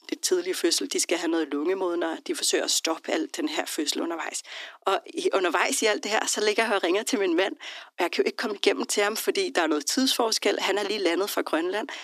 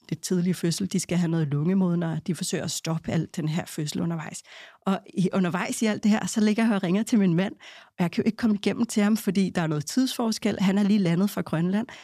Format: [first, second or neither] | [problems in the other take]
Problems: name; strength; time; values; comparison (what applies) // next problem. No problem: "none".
second | thin; very; fading below 300 Hz